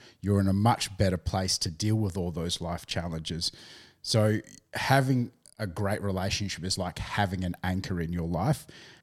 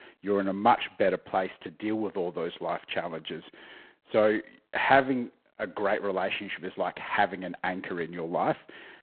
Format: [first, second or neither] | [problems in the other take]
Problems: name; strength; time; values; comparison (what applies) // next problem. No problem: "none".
first | phone-call audio; poor line